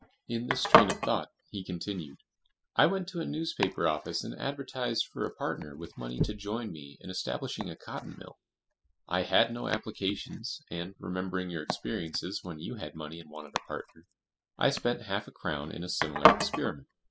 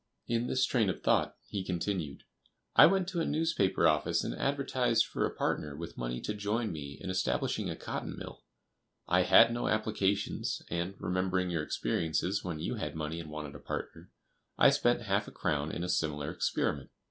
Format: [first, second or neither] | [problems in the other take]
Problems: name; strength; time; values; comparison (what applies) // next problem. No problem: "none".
second | noise reduction (classical method spectral subtraction)